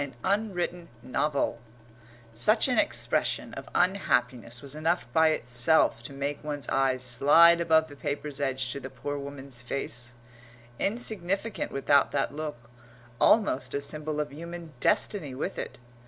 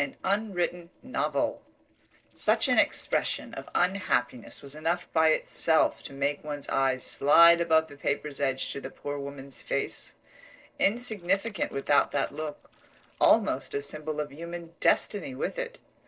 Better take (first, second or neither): first